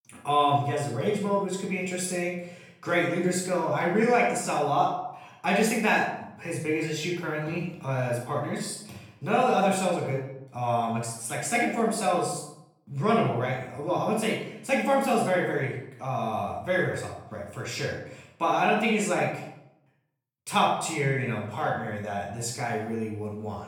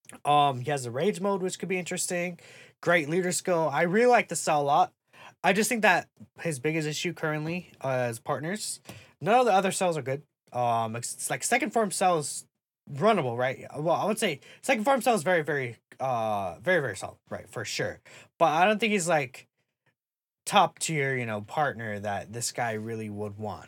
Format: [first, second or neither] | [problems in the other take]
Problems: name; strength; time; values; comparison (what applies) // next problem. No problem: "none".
second | off-mic speech; far // room echo; noticeable; dies away in 0.6 s